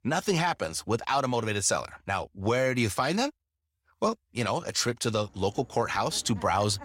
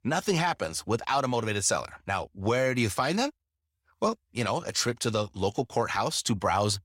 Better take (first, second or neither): second